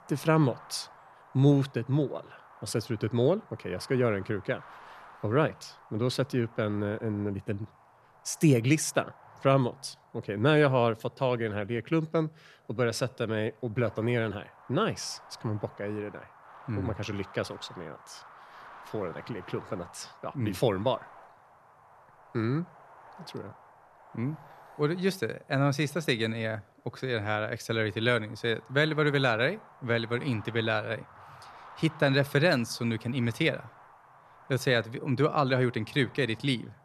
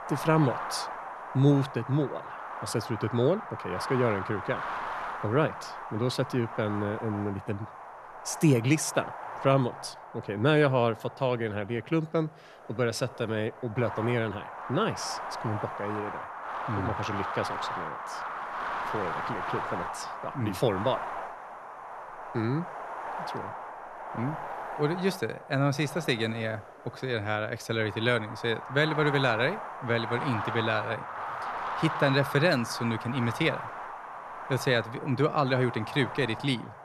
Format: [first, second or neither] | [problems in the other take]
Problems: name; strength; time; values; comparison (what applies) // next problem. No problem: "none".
first | wind noise on the microphone; heavy; 5 dB below the speech; occasional gusts in the first